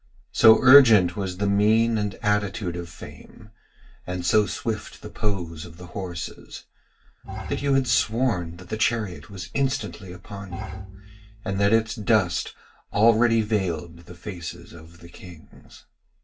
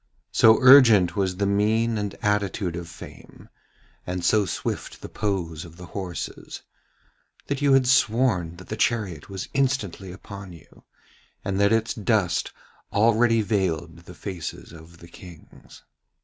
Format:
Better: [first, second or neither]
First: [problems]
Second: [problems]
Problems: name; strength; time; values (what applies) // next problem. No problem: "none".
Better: second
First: background sound (Bowed string instrument); 12 dB below the speech // room echo; dies away in 0.1 s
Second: none